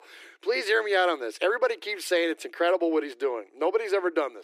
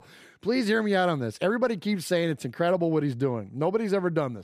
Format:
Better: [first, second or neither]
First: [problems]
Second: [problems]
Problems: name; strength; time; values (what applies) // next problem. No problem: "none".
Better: second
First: thin; very; fading below 300 Hz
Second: none